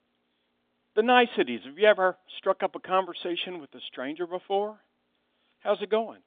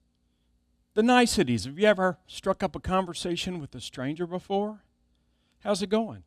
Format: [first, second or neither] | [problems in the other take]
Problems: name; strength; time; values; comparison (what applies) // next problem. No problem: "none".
second | phone-call audio; nothing above 3.5 kHz